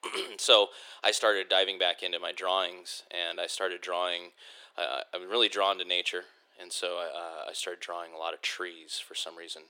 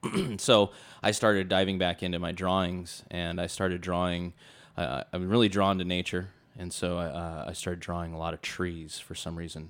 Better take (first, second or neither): second